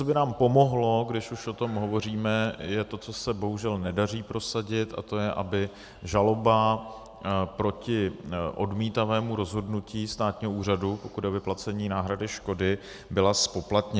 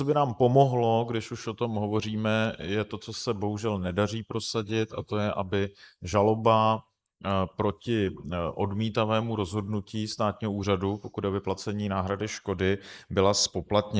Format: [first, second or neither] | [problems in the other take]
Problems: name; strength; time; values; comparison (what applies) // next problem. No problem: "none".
first | noise reduction (neural mask model Resemble Enhance denoiser)